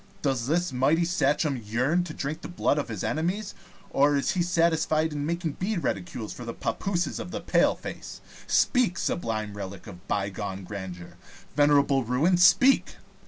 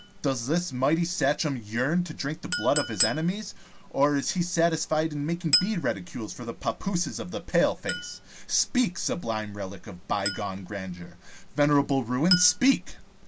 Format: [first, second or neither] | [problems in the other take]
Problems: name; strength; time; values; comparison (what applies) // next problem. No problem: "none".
first | background sound (Chink, clink); 10 dB below the speech